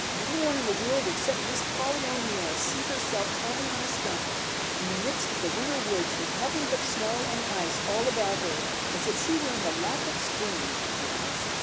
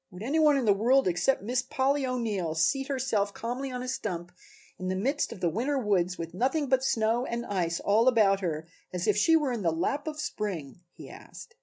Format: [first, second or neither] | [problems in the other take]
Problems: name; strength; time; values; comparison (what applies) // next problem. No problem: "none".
second | background sound (Water); 3 dB above the speech